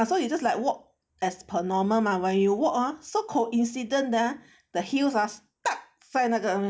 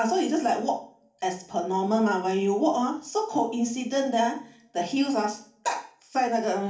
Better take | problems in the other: first | room echo; dies away in 0.4 s

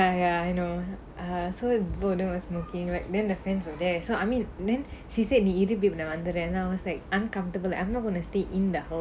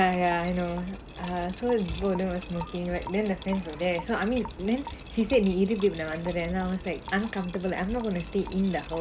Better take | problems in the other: first | background sound (Liquid + Raindrop / Drip); 17 dB below the speech

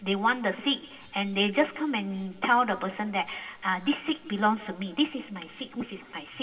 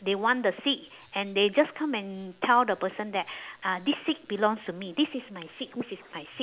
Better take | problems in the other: second | room echo; dies away in 1.7 s

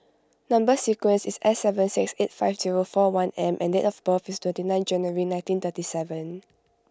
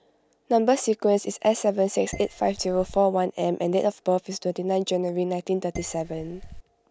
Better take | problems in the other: first | background sound (Dishes, pots, and pans); 15 dB below the speech

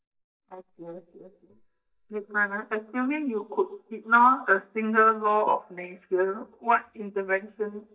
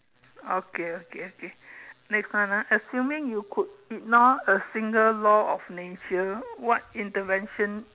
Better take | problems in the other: second | noise reduction (neural mask model DeepFilterNet 3)

